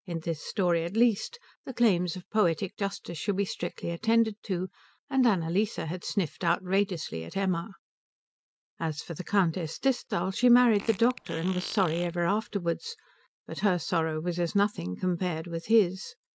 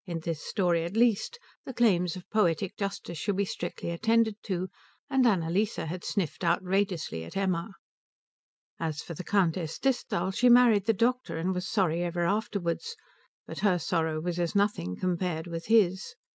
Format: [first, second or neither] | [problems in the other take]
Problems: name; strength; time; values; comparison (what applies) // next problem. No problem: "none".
second | background sound (Fart); 16 dB below the speech